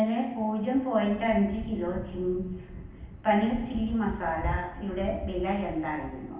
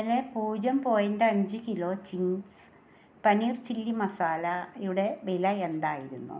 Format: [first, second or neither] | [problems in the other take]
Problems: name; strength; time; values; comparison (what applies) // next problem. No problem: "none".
second | background sound (Thunder); 11 dB below the speech // room echo; dies away in 0.9 s